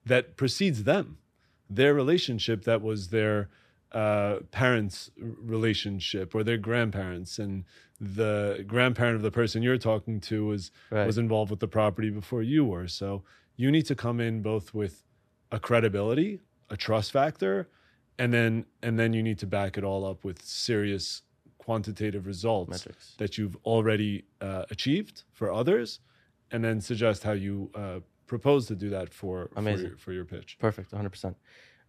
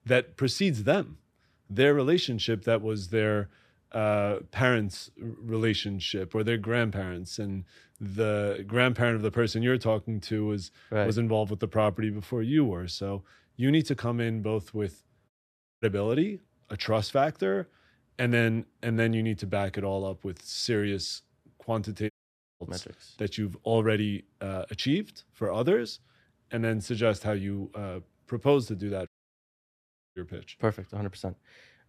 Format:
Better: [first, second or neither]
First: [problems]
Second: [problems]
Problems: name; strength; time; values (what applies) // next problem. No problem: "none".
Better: first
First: none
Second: audio cutting out; at 15 s for 0.5 s, at 22 s for 0.5 s and at 29 s for 1 s